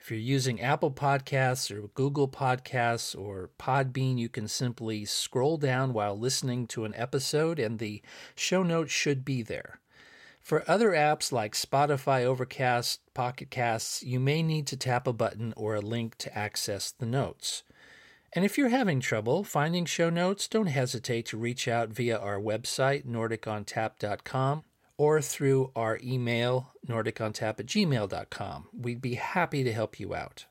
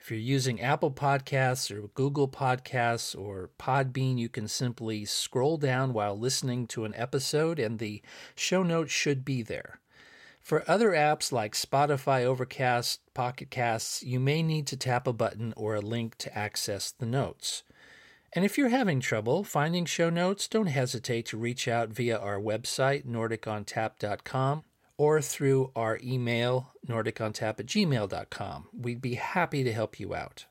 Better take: neither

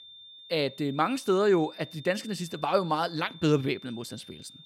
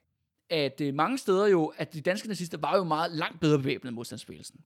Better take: second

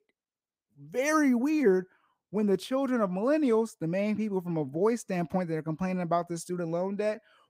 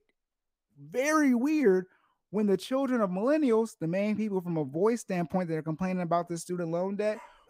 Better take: first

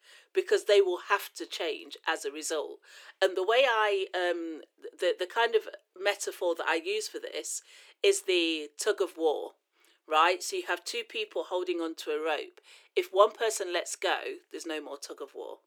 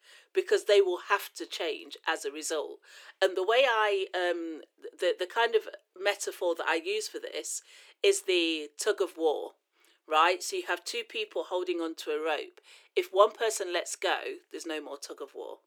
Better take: neither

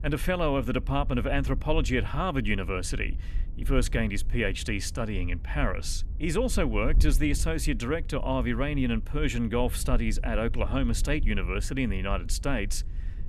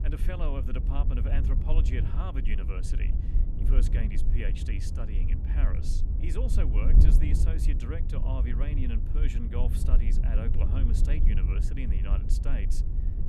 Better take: first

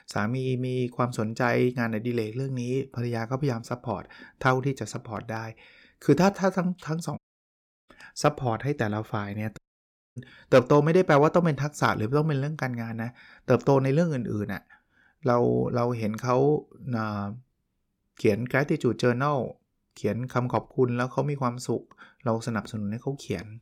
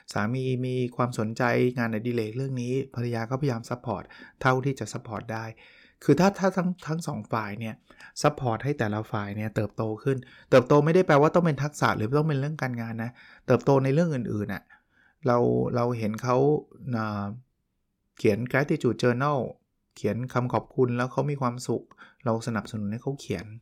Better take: second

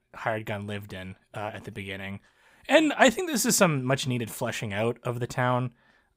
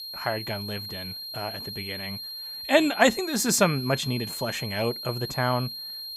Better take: first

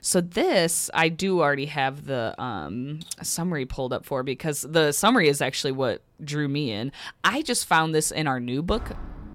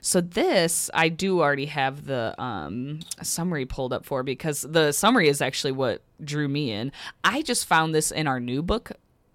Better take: second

